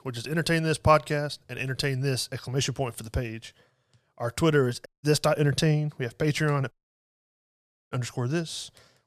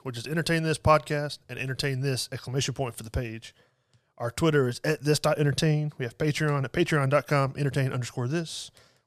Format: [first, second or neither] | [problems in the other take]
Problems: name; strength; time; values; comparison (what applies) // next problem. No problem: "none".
second | audio cutting out; at 5 s and at 6.5 s for 1 s